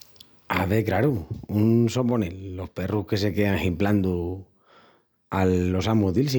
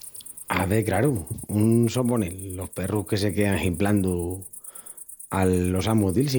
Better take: first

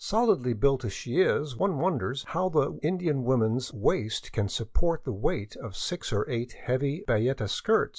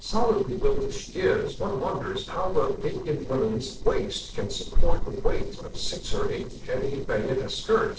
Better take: first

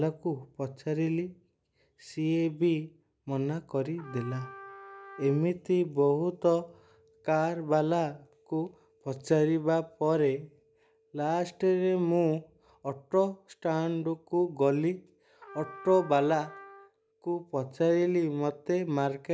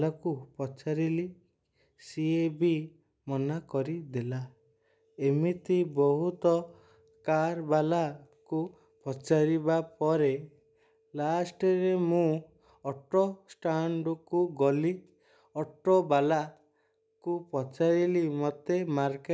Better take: second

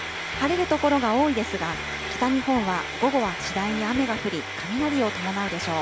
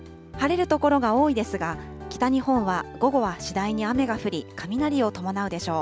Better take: second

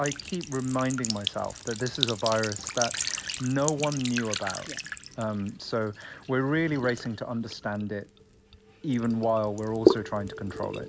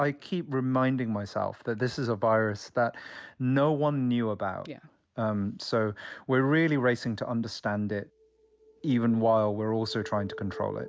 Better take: second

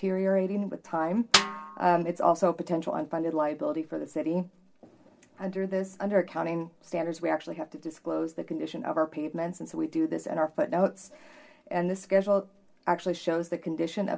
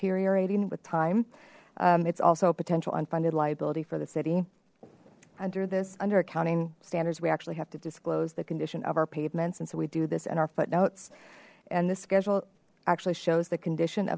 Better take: second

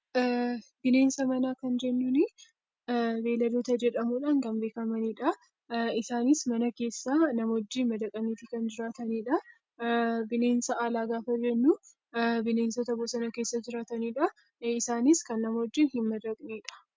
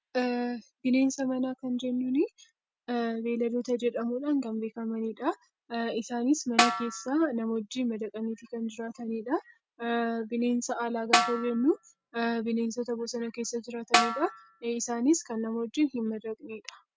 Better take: first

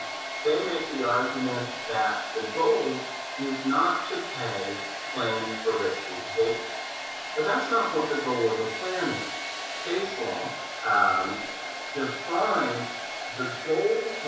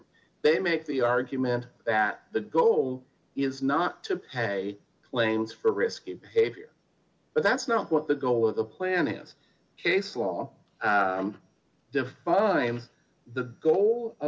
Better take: second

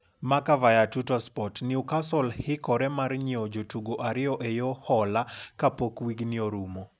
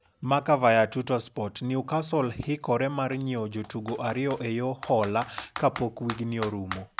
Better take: first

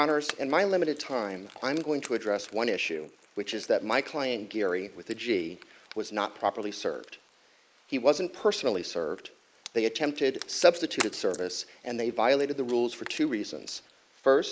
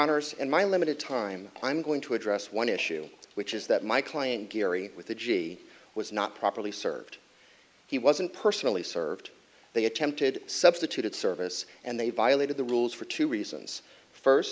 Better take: second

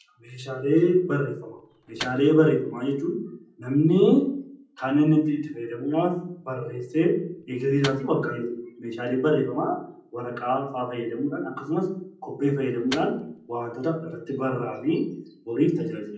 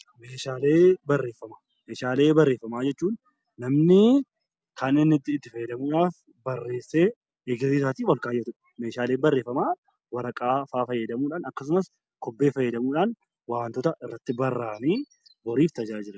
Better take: second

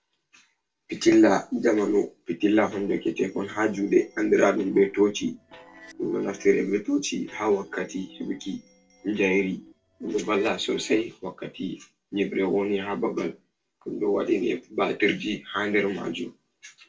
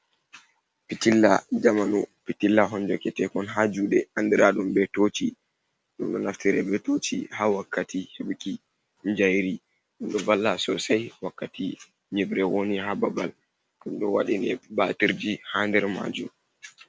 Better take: second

